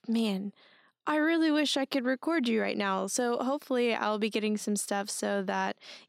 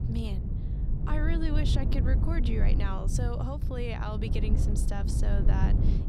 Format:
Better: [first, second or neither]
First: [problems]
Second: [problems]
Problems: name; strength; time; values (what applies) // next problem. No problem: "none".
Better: first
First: none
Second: low rumble; loud; throughout; 5 dB below the speech